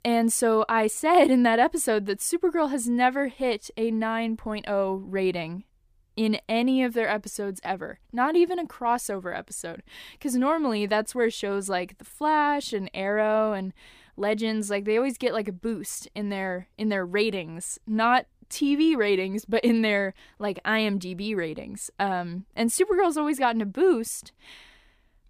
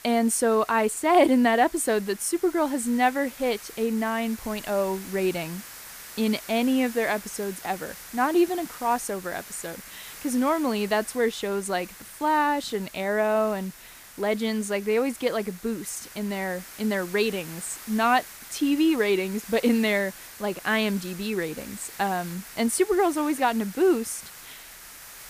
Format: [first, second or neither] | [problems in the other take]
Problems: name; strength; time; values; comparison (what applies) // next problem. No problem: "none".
first | hiss; noticeable; throughout; 15 dB below the speech